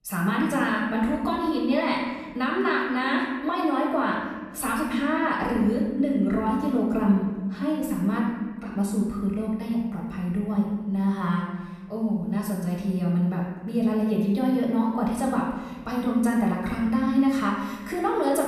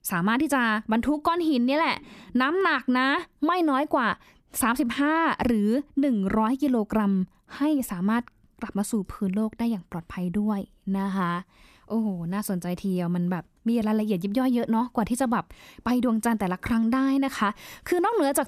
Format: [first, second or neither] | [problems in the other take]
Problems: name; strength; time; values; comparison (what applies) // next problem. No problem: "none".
second | off-mic speech; far // room echo; noticeable; dies away in 1.2 s